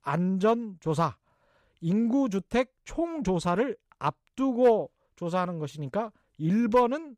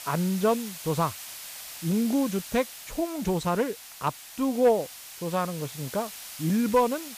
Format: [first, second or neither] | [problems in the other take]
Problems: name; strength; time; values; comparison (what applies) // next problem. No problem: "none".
first | hiss; noticeable; throughout; 10 dB below the speech